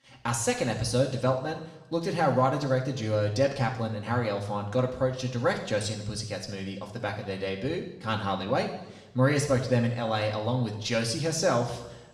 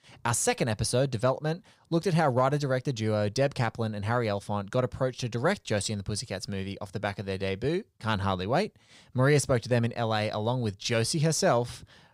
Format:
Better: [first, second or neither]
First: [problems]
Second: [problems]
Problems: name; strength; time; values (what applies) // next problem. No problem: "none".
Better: second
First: room echo; slight; dies away in 1 s // off-mic speech; somewhat distant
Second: none